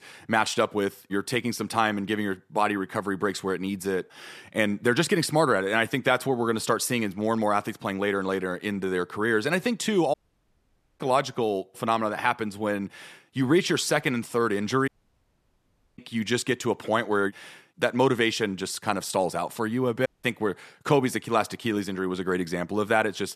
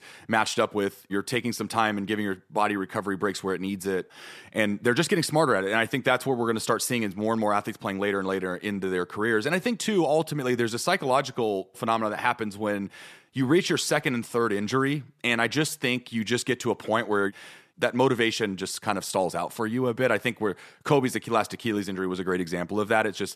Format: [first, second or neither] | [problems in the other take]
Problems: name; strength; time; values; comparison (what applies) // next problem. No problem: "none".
second | audio cutting out; at 10 s for 1 s, at 15 s for 1 s and at 20 s